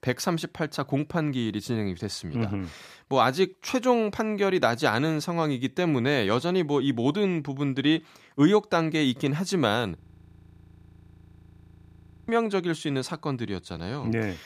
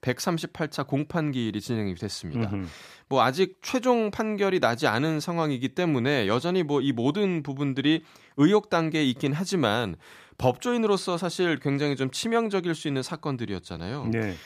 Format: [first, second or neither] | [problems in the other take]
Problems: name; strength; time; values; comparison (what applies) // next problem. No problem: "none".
second | audio freezing; at 10 s for 2.5 s